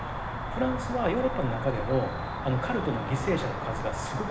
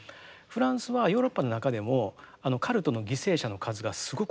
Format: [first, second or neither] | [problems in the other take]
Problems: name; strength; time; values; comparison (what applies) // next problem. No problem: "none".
second | background sound (Cricket); 3 dB below the speech // room echo; dies away in 1.1 s